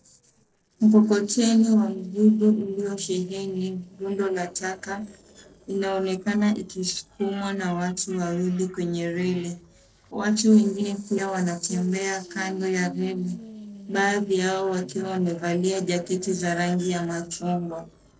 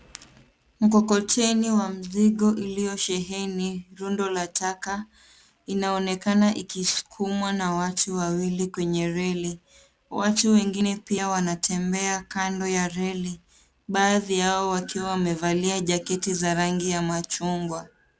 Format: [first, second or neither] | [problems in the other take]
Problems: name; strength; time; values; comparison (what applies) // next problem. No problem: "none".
second | noise reduction (neural separator model SepFormer DNS4)